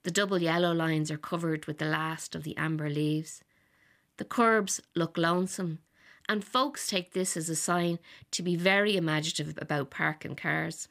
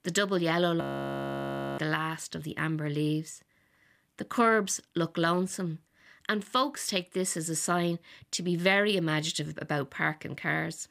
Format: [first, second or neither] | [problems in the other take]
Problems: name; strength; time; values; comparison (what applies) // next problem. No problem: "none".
first | audio freezing; at 1 s for 1 s